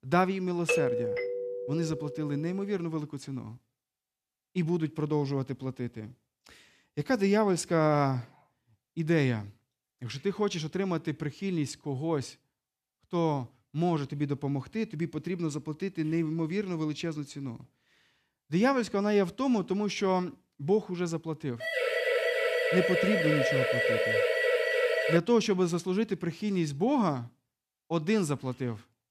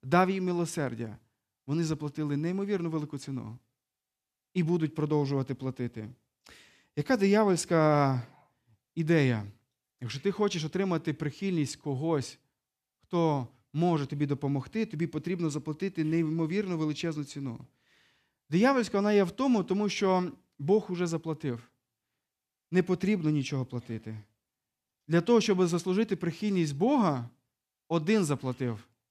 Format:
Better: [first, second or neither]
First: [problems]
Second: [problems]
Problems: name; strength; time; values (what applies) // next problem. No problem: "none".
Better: second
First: doorbell; loud; from 0.5 to 2.5 s; peak 3 dB above the speech // siren; loud; from 22 to 25 s; peak 5 dB above the speech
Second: none